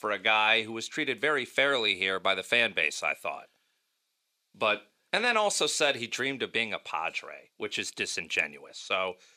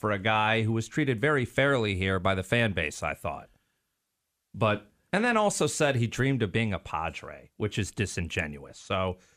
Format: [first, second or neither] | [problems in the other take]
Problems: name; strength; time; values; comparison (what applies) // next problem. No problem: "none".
second | thin; somewhat; fading below 400 Hz